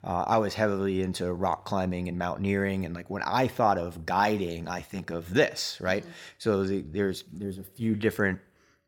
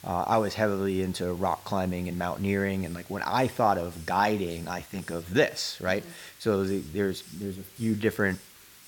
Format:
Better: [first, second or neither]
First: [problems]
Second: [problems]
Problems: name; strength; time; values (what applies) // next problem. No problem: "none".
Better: first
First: none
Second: hiss; noticeable; throughout; 20 dB below the speech